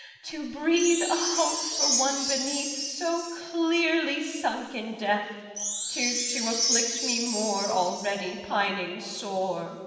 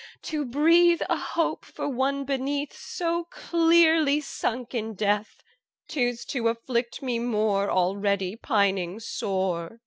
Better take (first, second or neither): second